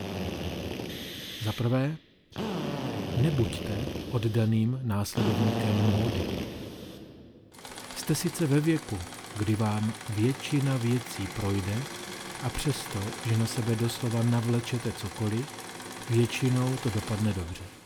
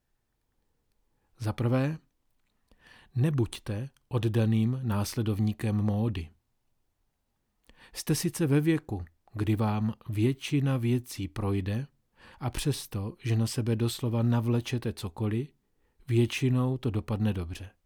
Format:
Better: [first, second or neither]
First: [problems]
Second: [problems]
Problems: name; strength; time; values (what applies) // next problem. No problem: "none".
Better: second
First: machinery noise; loud; throughout; 7 dB below the speech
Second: none